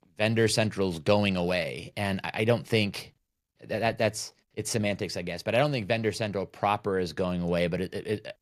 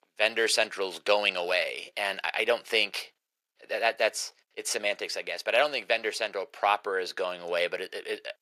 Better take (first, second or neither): first